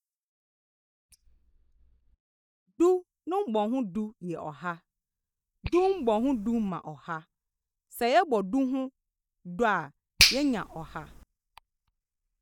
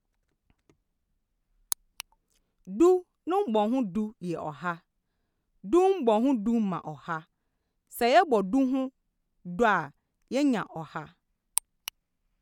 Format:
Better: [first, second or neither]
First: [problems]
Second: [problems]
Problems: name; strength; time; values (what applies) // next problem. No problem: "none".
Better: second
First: noise reduction (neural mask model DeepFilterNet 3)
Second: none